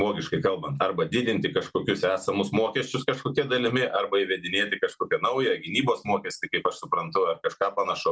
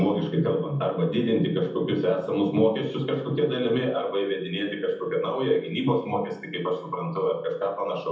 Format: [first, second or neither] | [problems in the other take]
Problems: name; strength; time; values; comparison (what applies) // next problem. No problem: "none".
first | room echo; dies away in 0.8 s